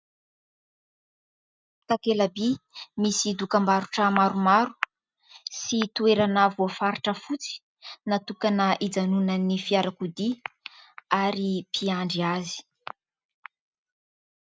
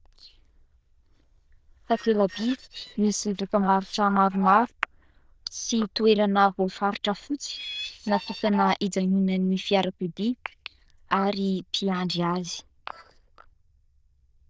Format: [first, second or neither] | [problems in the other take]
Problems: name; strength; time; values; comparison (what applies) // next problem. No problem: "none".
first | noise reduction (neural diffusion model UNIVERSE++)